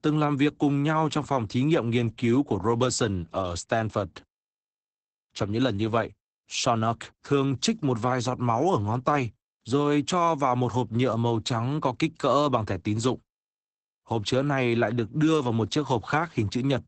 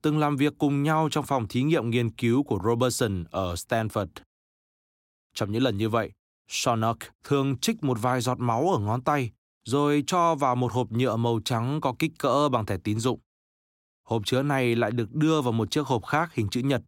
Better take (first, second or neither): second